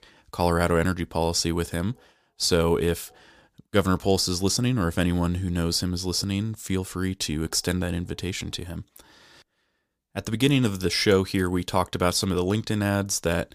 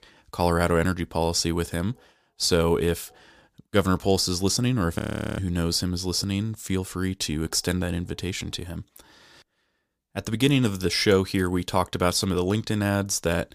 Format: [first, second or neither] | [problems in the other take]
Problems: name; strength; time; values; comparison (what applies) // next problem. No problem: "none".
first | audio freezing; at 5 s